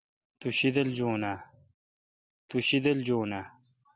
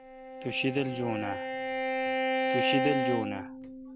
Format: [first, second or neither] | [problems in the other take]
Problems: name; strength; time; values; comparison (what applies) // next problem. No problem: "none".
first | background sound (Bowed string instrument); 2 dB above the speech